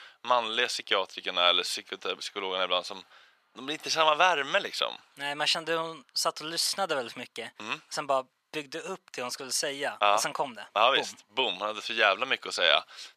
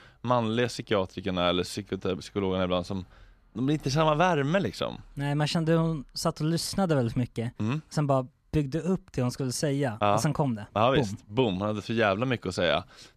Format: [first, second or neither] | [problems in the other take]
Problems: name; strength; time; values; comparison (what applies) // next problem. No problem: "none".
second | thin; very; fading below 750 Hz